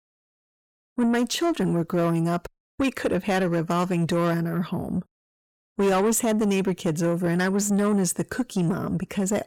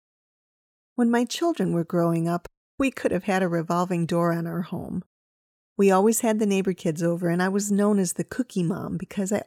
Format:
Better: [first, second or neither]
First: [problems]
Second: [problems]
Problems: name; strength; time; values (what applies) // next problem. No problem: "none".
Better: second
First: distortion; slight; 10 dB below the speech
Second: none